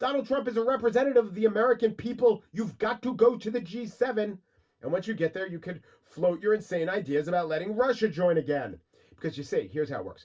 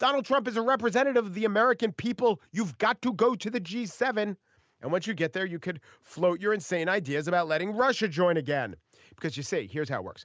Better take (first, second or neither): second